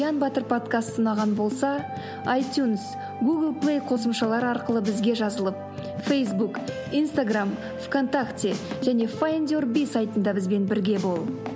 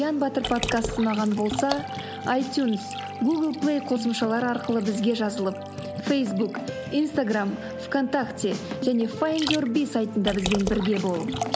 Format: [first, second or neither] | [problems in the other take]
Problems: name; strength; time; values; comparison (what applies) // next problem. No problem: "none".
first | background sound (Liquid); 11 dB below the speech